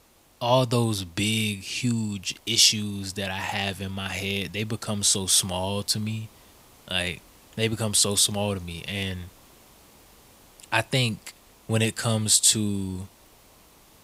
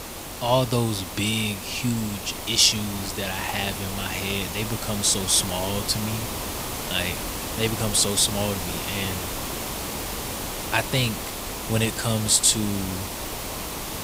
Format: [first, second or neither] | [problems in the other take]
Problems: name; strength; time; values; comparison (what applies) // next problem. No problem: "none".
first | hiss; loud; throughout; 7 dB below the speech; faint in the first